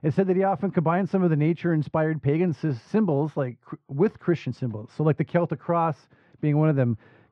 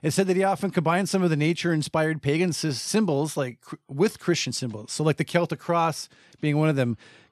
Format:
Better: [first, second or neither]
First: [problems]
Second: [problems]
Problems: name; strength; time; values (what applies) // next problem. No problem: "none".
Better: second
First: muffled; very; fading above 1.5 kHz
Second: none